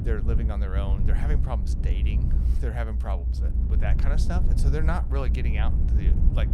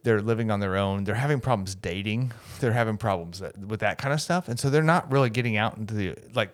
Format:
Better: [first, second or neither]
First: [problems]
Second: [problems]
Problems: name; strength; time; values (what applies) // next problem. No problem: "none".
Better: second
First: low rumble; loud; throughout; 6 dB below the speech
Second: none